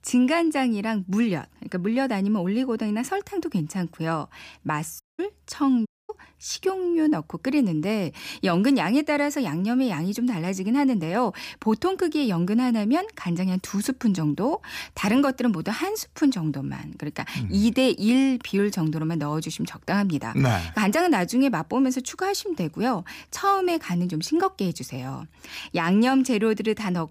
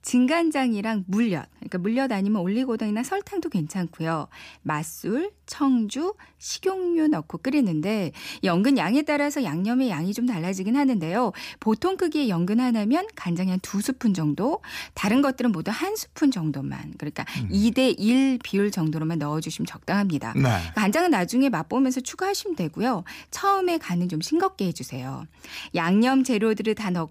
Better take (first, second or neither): second